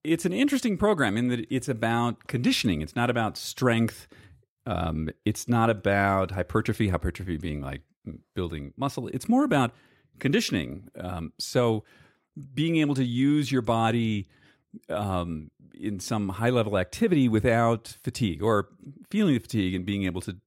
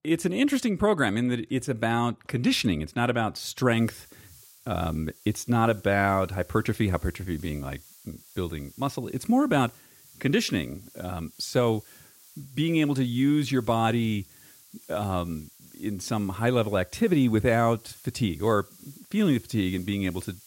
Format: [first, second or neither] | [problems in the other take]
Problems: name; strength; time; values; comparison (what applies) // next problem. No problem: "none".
first | hiss; faint; from 3.5 s on; 25 dB below the speech